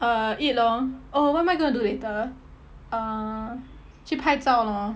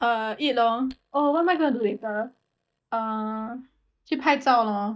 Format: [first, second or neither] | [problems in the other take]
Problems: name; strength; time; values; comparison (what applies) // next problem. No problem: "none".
first | noise reduction (neural mask model DeepFilterNet 3)